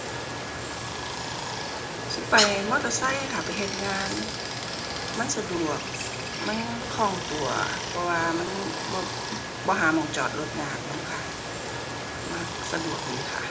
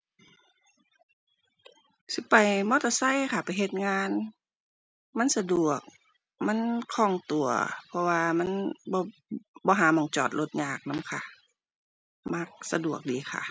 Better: second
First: background sound (Stream); 2 dB below the speech // room echo; dies away in 0.5 s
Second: none

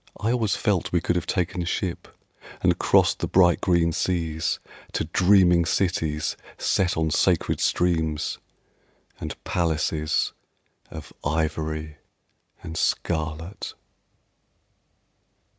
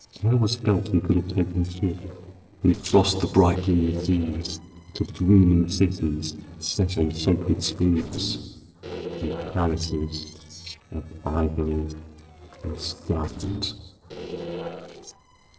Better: first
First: none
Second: noise reduction (neural separator model SepFormer DNS4)

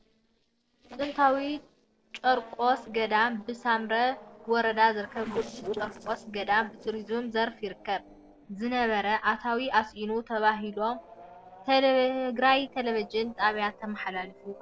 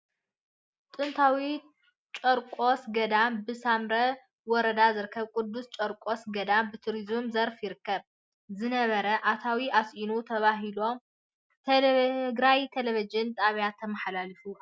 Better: second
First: noise reduction (neural separator model SepFormer DNS4)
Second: none

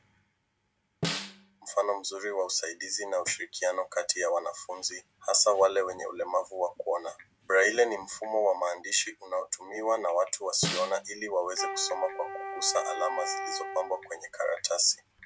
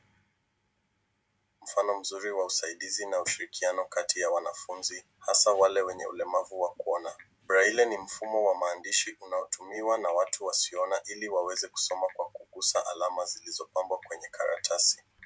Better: second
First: background sound (Snare drum + Wind instrument, woodwind instrument); 7 dB below the speech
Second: none

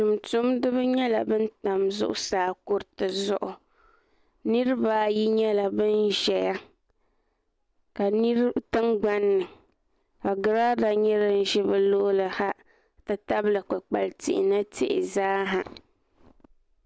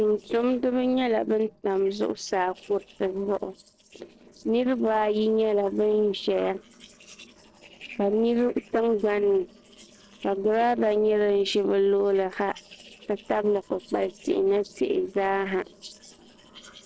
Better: first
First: none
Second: noise reduction (neural separator model SepFormer DNS4)

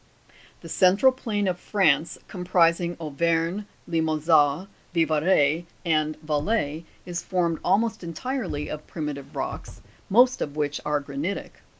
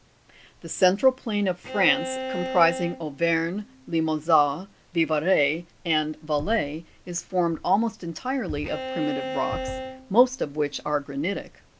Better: first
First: none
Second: background sound (Bowed string instrument); 8 dB below the speech

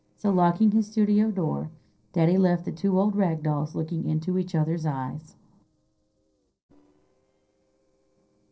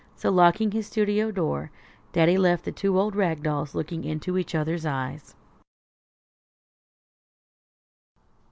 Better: second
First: noise reduction (neural separator model SepFormer DNS4)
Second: none

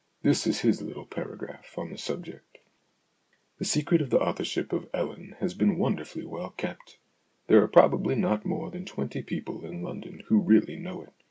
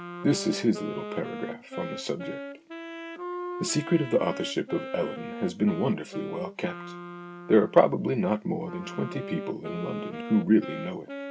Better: first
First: none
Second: background sound (Wind instrument, woodwind instrument); 10 dB below the speech

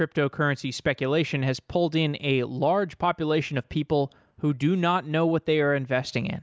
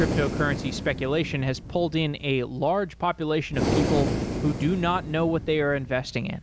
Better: first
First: none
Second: background sound (Breathing); 5 dB below the speech

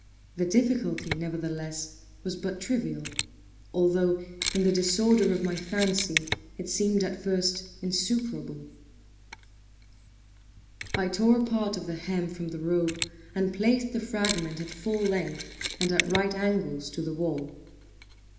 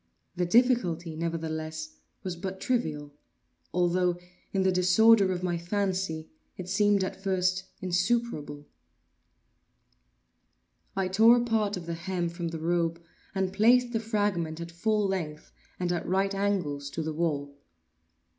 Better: second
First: background sound (Mechanisms); 10 dB below the speech // room echo; dies away in 0.8 s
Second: none

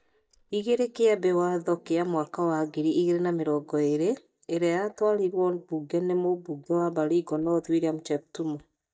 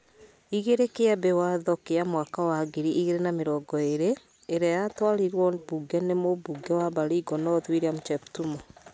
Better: second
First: noise reduction (neural mask model DeepFilterNet 3)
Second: none

